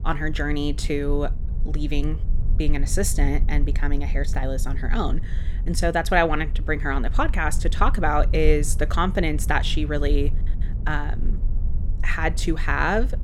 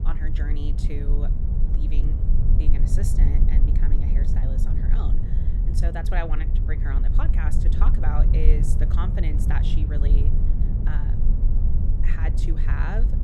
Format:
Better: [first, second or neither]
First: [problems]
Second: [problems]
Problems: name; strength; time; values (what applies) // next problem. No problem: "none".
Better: first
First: low rumble; faint; throughout; 20 dB below the speech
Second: low rumble; loud; throughout; 3 dB below the speech